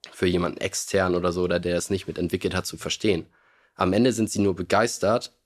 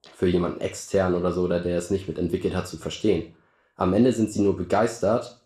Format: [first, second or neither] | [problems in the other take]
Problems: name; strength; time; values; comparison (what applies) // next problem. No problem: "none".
first | room echo; very slight; dies away in 0.4 s